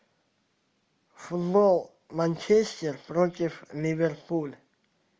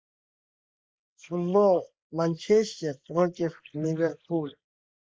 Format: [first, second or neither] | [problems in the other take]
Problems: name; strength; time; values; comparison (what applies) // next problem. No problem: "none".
first | noise reduction (neural mask model Resemble Enhance denoiser)